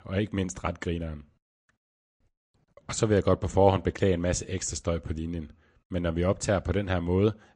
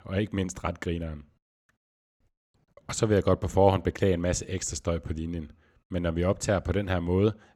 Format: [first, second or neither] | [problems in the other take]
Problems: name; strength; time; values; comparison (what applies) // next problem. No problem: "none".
second | garbled, watery; slightly; nothing above 8 kHz